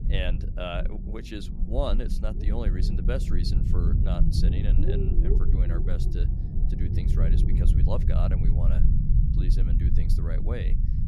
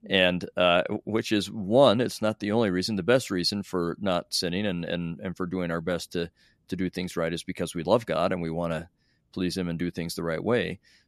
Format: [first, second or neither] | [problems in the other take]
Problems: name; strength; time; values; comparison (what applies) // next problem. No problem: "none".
second | low rumble; loud; throughout; 3 dB below the speech